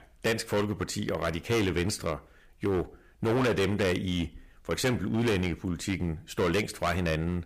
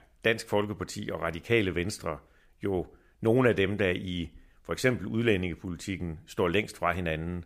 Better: second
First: distortion; heavy; 11% of the sound clipped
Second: none

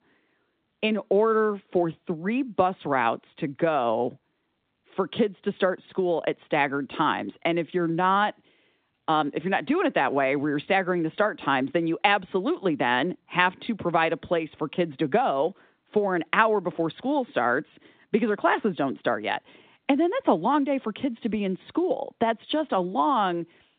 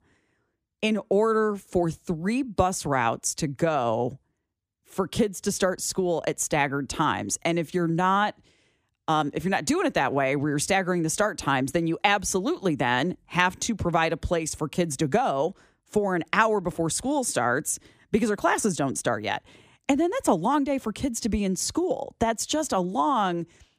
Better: second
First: phone-call audio; nothing above 3.5 kHz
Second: none

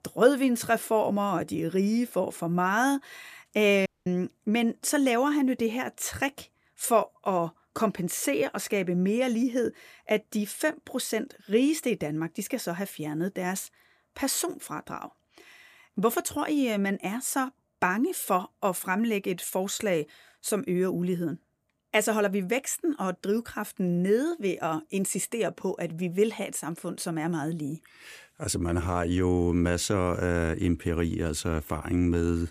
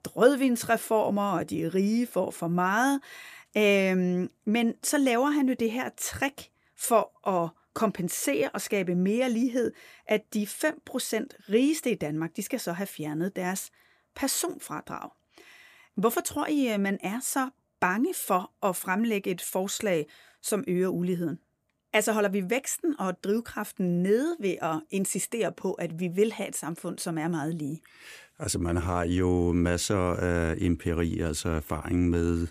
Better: second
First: audio cutting out; at 4 s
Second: none

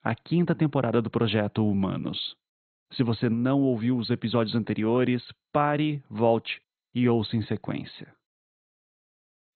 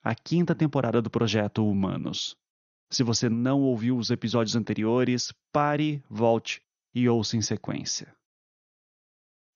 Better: second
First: garbled, watery; badly; nothing above 4 kHz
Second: garbled, watery; slightly; nothing above 6.5 kHz

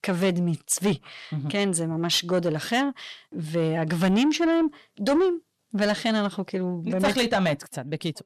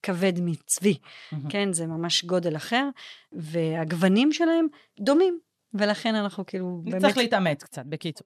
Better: second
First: distortion; slight; 10 dB below the speech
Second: none

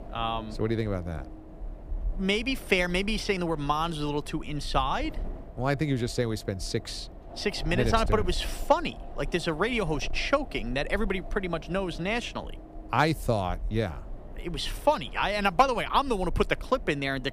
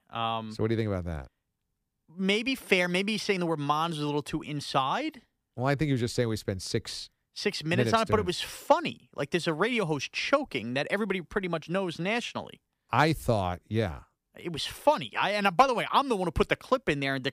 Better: second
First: wind noise on the microphone; occasional gusts; 20 dB below the speech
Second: none

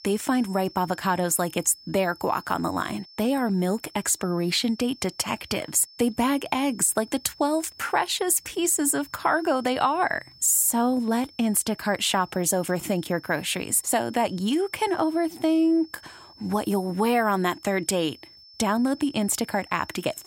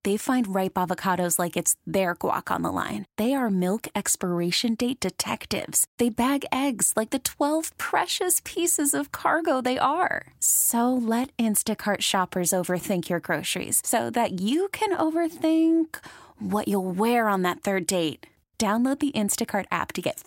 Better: second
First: high-pitched whine; faint; throughout; 5.5 kHz, 25 dB below the speech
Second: none

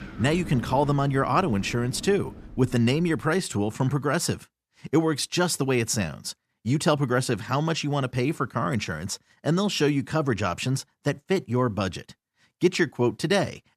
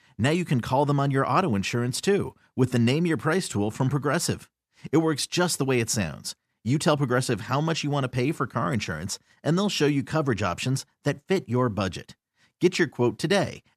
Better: second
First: wind in the background; noticeable; until 3 s; 15 dB below the speech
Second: none

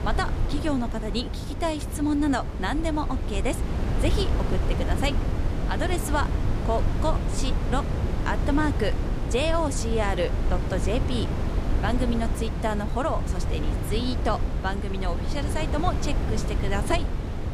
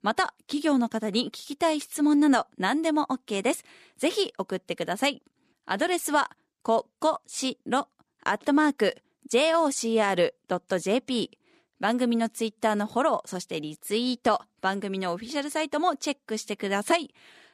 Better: second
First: wind noise on the microphone; heavy; 7 dB below the speech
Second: none

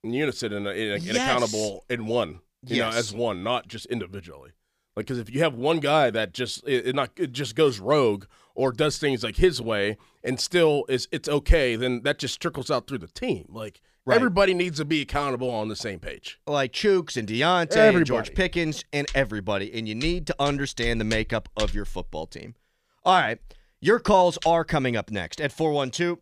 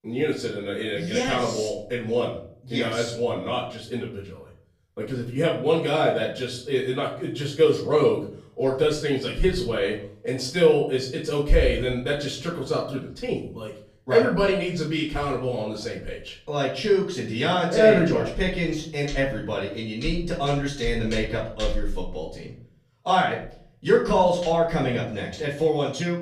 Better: first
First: none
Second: off-mic speech; far // room echo; slight; dies away in 0.5 s

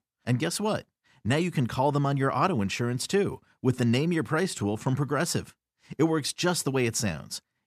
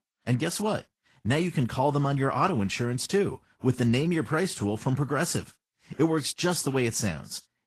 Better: first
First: none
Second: garbled, watery; slightly; nothing above 12 kHz

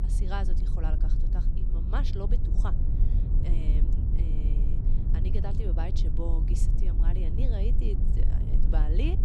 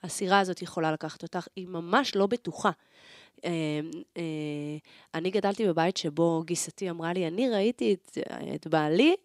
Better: second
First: low rumble; loud; throughout; 3 dB below the speech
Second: none

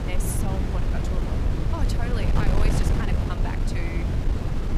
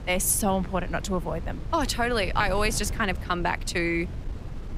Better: second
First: wind noise on the microphone; heavy; 2 dB above the speech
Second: wind noise on the microphone; occasional gusts; 20 dB below the speech

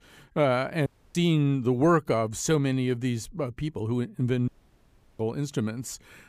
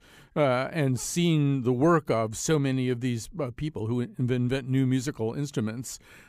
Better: second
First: audio cutting out; at 1 s and at 4.5 s for 0.5 s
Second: none

